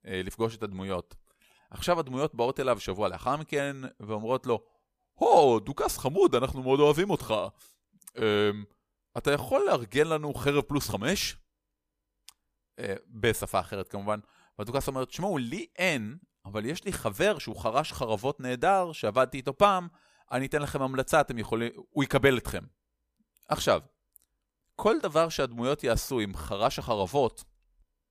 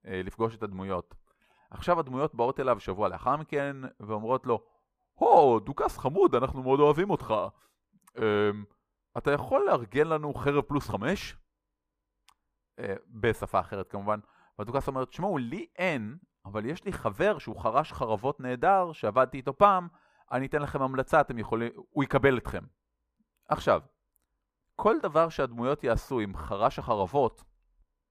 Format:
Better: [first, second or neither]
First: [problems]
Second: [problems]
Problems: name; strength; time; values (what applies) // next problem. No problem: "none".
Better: first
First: none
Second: muffled; slightly; fading above 3 kHz